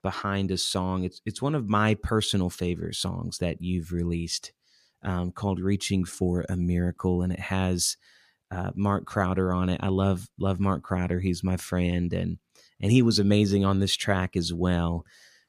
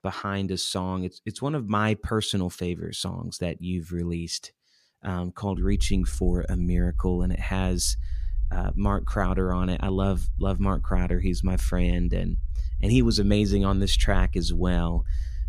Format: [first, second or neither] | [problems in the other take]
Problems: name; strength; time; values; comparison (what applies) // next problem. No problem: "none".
first | low rumble; faint; from 5.5 s on; 25 dB below the speech